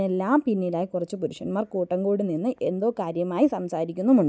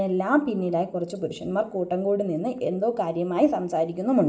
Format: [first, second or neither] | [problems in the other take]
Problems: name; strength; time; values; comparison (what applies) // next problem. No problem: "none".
first | room echo; dies away in 0.7 s